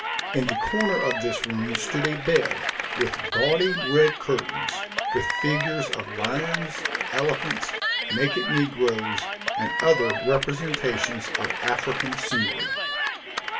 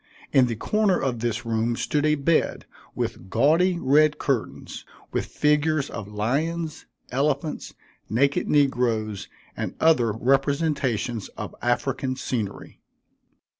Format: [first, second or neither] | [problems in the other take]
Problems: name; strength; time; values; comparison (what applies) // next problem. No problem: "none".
second | background sound (Cheering / Clapping); 1 dB below the speech // room echo; dies away in 0.2 s